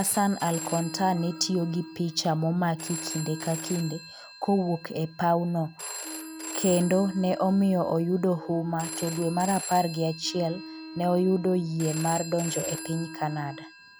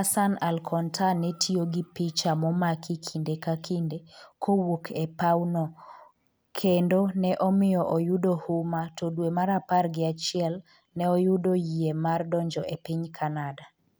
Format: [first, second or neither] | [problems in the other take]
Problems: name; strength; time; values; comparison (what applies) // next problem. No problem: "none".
second | background sound (Wind instrument, woodwind instrument + Telephone); 12 dB below the speech